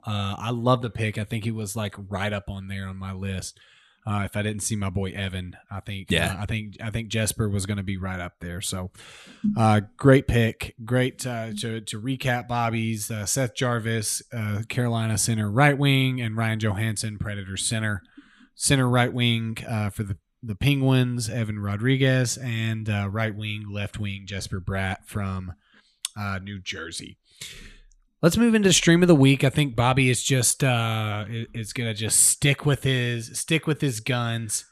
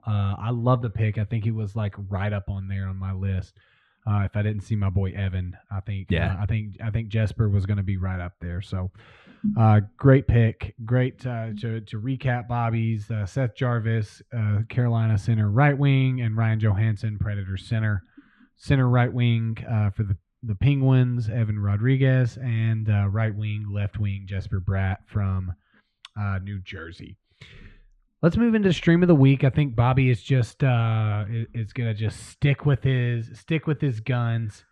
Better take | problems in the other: first | muffled; very; fading above 2 kHz

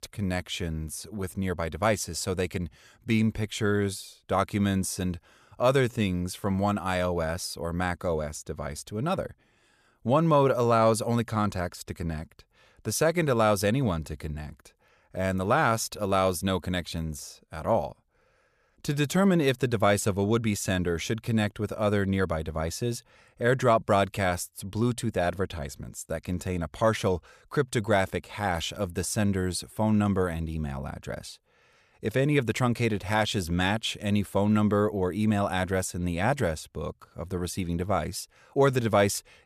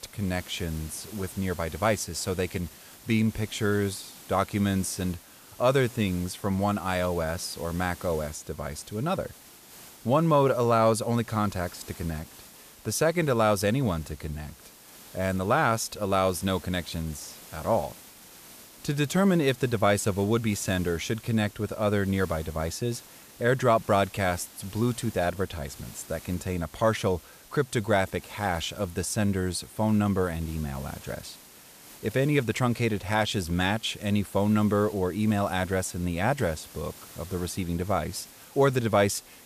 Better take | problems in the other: first | hiss; noticeable; throughout; 20 dB below the speech

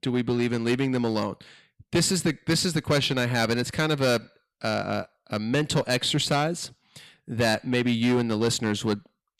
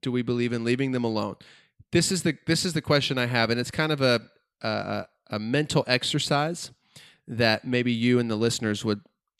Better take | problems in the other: second | distortion; slight; 6% of the sound clipped

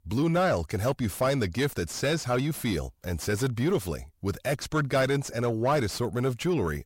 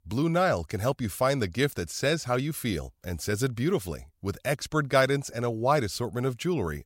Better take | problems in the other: second | distortion; slight; 10 dB below the speech

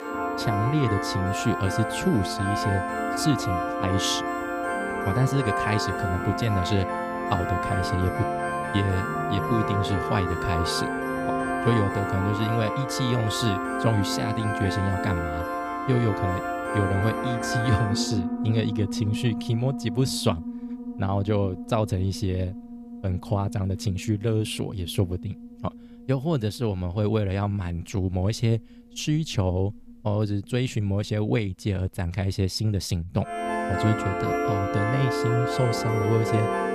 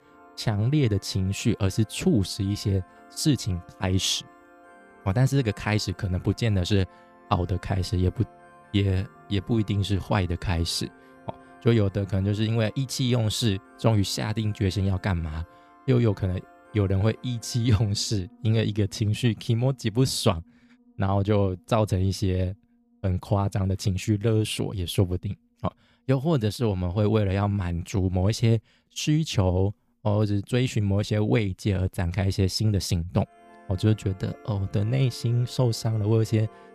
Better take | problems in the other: second | background music; loud; throughout; 2 dB below the speech; faint in the second

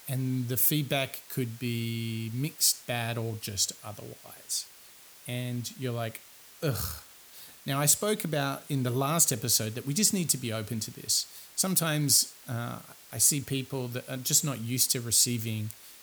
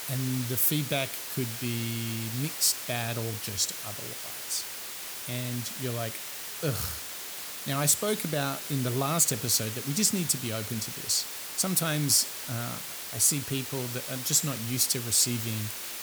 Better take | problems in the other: first | hiss; loud; throughout; 6 dB below the speech; faint in the first

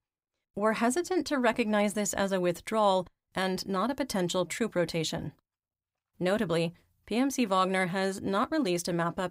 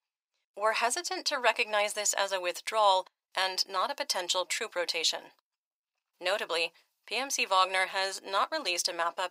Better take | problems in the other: first | thin; very; fading below 550 Hz

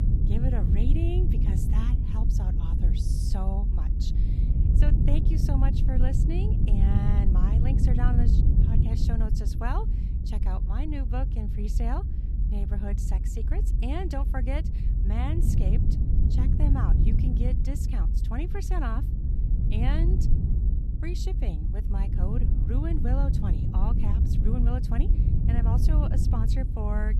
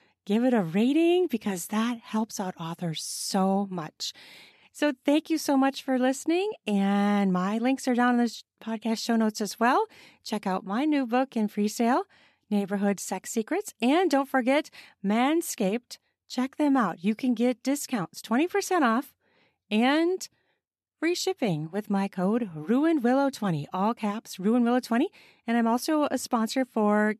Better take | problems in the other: second | low rumble; loud; throughout; 2 dB below the speech

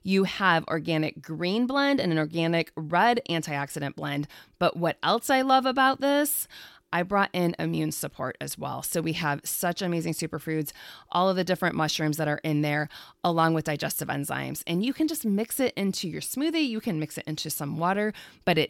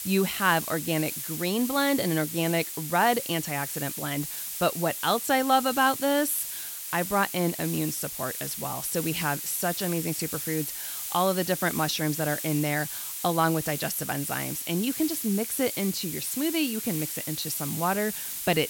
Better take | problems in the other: first | hiss; loud; throughout; 5 dB below the speech

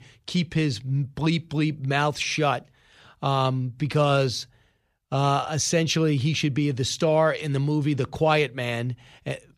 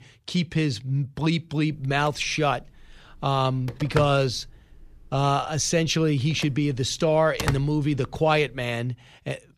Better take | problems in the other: first | phone ringing; noticeable; from 3.5 to 7.5 s; peak 5 dB below the speech

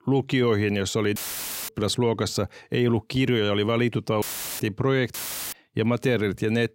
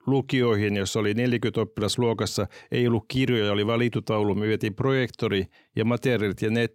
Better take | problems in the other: second | audio cutting out; filled with static; at 1 s for 0.5 s, at 4 s and at 5 s

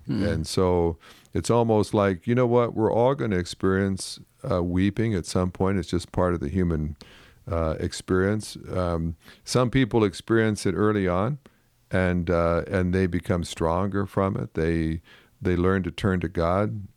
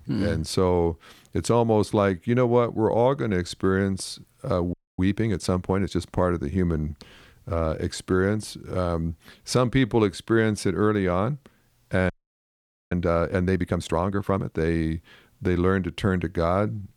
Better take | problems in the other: first | audio freezing; at 4.5 s and at 12 s for 1 s

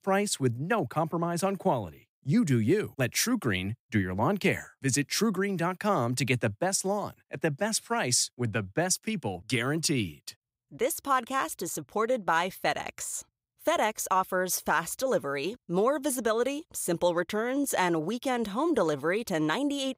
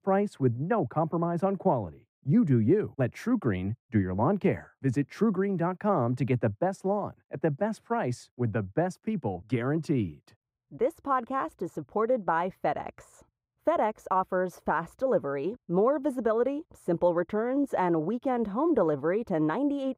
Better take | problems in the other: first | muffled; very; fading above 2.5 kHz

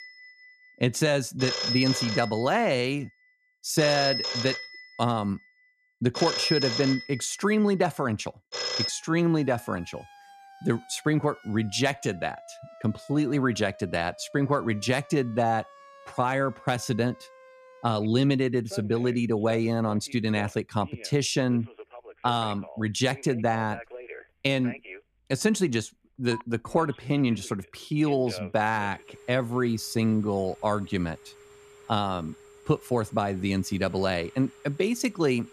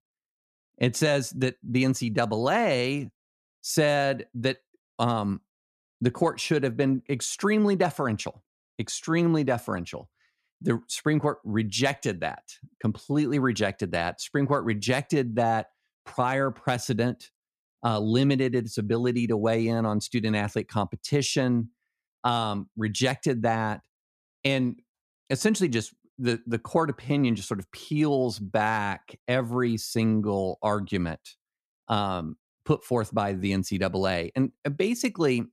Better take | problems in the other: second | alarms or sirens; loud; throughout; 6 dB below the speech

